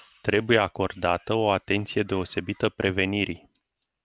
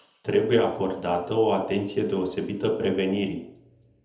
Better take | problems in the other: first | room echo; dies away in 0.7 s

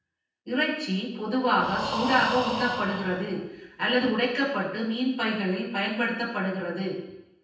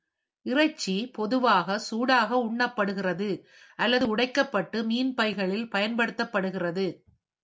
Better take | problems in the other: second | background sound (Breathing); 7 dB below the speech // room echo; dies away in 0.9 s

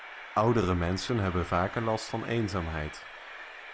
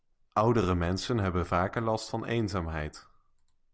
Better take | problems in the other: second | background sound (Train); 14 dB below the speech

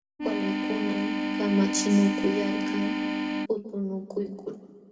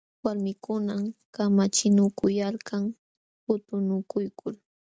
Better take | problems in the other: second | background sound (Organ); 1 dB above the speech // room echo; dies away in 1.5 s

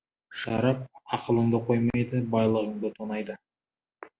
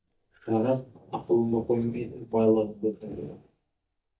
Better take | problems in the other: first | noise reduction (neural mask model DeepFilterNet 3)

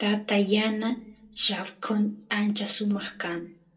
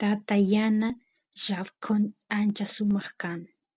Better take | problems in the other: second | room echo; dies away in 0.2 s

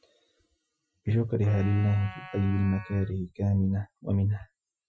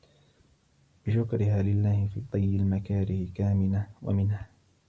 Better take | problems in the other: second | noise reduction (classical method Wiener filter)

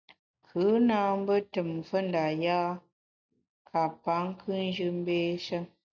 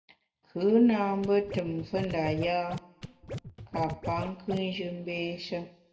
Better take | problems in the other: first | background sound (Scratching (performance technique)); 9 dB below the speech // room echo; dies away in 0.7 s

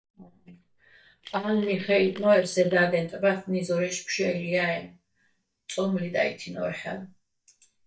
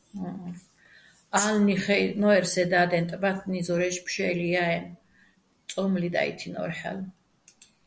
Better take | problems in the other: second | noise reduction (neural mask model DeepFilterNet 3)

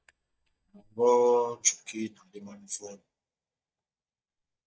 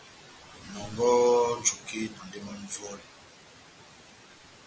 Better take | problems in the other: second | noise reduction (neural mask model DeepFilterNet 3)

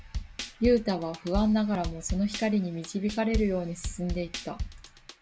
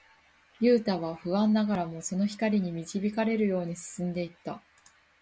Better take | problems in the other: second | background sound (Drum kit); 8 dB below the speech

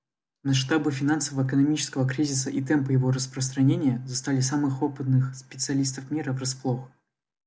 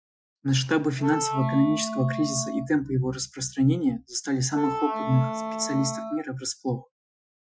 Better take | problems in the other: first | noise reduction (classical method Wiener filter)

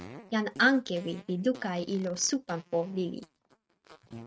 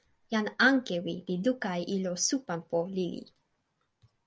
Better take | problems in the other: second | noise reduction (neural mask model RNNoise)

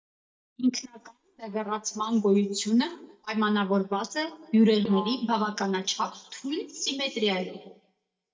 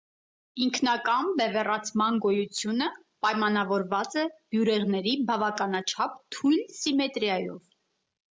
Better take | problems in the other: second | noise reduction (neural mask model DeepFilterNet 3)

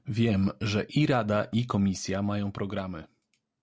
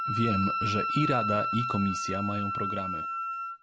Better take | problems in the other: first | background sound (Wind instrument, woodwind instrument); as loud as the speech

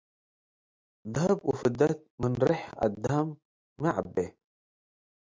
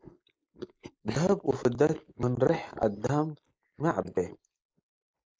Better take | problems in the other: first | noise reduction (neural mask model Resemble Enhance denoiser)

